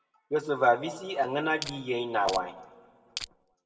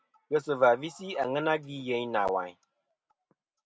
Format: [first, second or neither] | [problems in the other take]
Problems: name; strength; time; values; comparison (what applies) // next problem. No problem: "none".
second | background sound (Crushing); 10 dB below the speech // room echo; dies away in 1.1 s